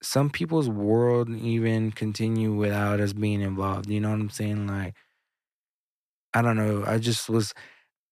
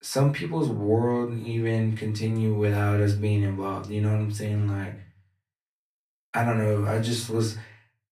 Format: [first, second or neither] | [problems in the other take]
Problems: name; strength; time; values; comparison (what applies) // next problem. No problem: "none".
first | off-mic speech; far // room echo; very slight; dies away in 0.3 s